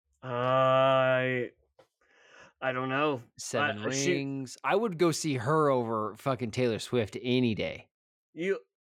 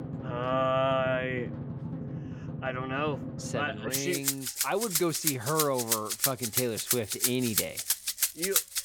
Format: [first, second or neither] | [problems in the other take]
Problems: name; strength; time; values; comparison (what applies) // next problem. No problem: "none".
first | background music; very loud; throughout; as loud as the speech